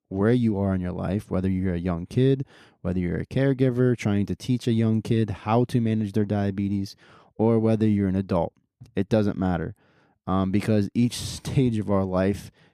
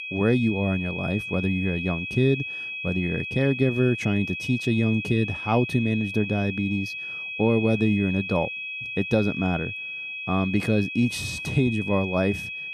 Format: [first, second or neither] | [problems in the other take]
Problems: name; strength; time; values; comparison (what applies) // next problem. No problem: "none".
first | high-pitched whine; loud; throughout; 2.5 kHz, 6 dB below the speech